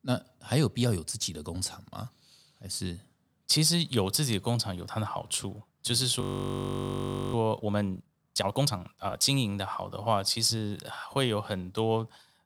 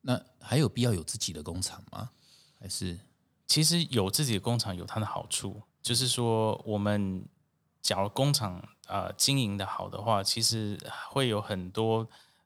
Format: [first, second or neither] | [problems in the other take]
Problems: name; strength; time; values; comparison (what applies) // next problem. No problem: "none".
second | audio freezing; at 6 s for 1 s